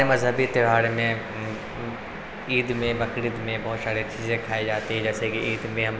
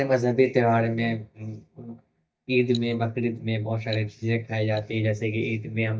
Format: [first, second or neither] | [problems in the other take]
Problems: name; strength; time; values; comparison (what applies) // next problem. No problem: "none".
first | noise reduction (neural mask model DeepFilterNet 3)